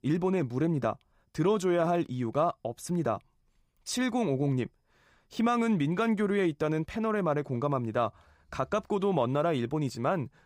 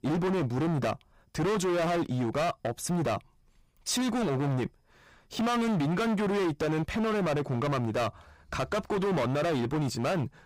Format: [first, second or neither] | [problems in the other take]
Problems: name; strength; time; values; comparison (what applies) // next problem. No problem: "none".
first | distortion; heavy; 30% of the sound clipped